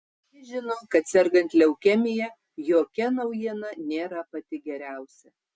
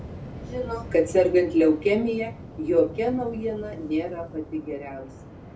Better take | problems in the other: first | background sound (Waves, surf); 14 dB below the speech // room echo; dies away in 0.3 s

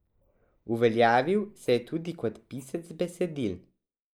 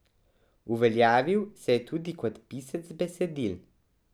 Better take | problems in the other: second | noise reduction (neural mask model Resemble Enhance denoiser)

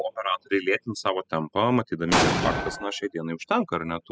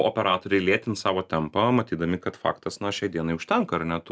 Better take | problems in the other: second | noise reduction (classical method spectral subtraction)

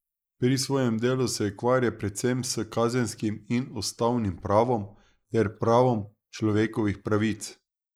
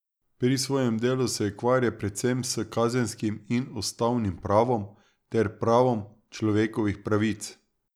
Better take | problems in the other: second | noise reduction (neural mask model Resemble Enhance denoiser)

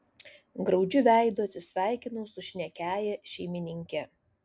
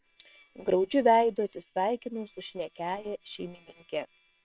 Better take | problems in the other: first | noise reduction (neural separator model SepFormer WHAM!)

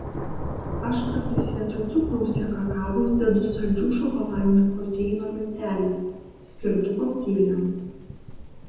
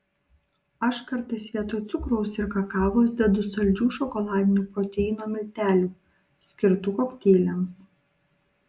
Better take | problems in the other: second | background sound (Thunder / Rain); 8 dB below the speech // room echo; dies away in 1.1 s

